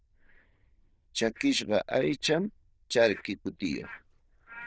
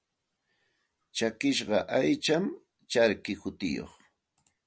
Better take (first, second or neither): second